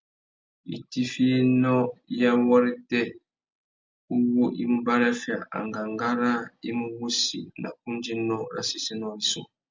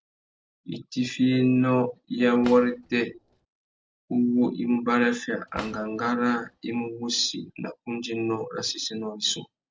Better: first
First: none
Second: noise reduction (neural separator model SepFormer DNS4)

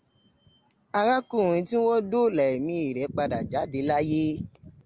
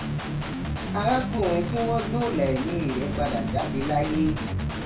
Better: first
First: none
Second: background sound (Guitar); 2 dB below the speech // room echo; dies away in 0.2 s

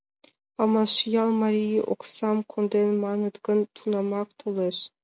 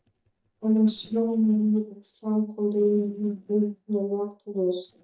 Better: first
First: none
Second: noise reduction (neural mask model DeepFilterNet 3)

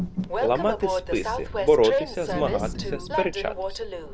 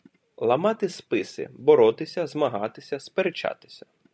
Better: second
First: background sound (Train); 2 dB below the speech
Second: none

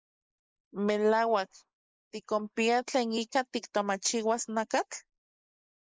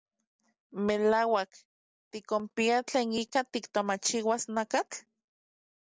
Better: second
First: noise reduction (neural mask model Resemble Enhance denoiser)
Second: none

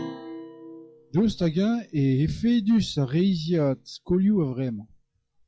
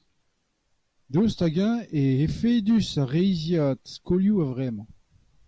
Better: second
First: noise reduction (classical method log-MMSE)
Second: none

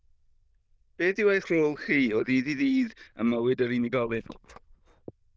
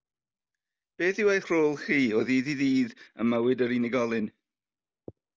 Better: second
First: noise reduction (neural diffusion model UNIVERSE++)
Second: none

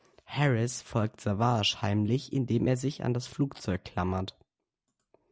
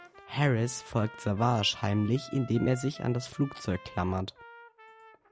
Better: first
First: none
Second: background sound (Trumpet); 19 dB below the speech

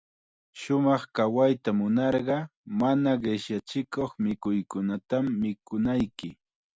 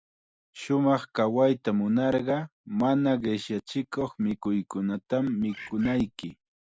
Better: first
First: none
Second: noise reduction (neural mask model Resemble Enhance denoiser)

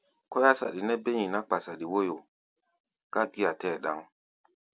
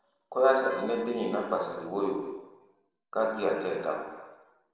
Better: first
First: none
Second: noise reduction (neural separator model SepFormer DNS4)

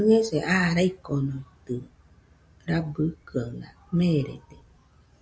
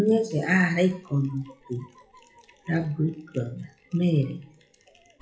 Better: first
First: none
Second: noise reduction (classical method WPE with log-MMSE)

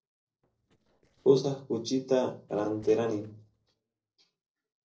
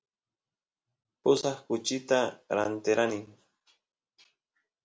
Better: second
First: noise reduction (neural separator model SepFormer DNS4)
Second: none

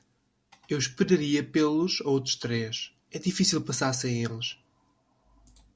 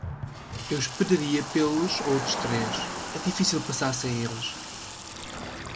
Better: first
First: none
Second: background sound (Car passing by + Sink (filling or washing) / Water tap, faucet); 6 dB below the speech

